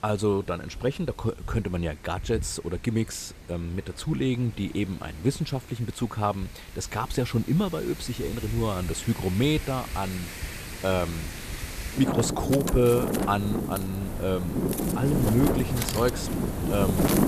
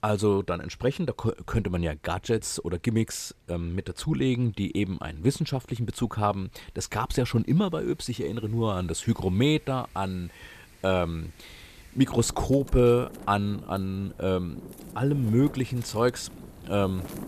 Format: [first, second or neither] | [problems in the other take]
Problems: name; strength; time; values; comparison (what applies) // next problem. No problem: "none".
second | wind in the background; loud; throughout; 3 dB below the speech; faint in the second